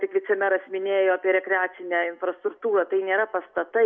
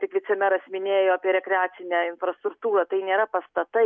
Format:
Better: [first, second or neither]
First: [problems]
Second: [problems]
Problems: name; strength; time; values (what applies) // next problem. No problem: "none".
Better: second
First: room echo; dies away in 0.7 s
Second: none